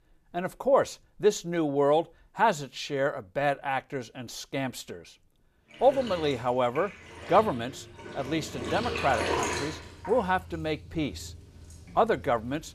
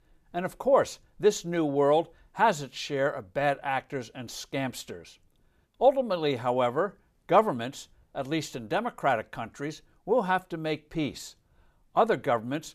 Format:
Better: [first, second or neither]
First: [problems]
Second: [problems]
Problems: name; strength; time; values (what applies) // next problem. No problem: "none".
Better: second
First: household noises; loud; from 5.5 s on; 9 dB below the speech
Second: none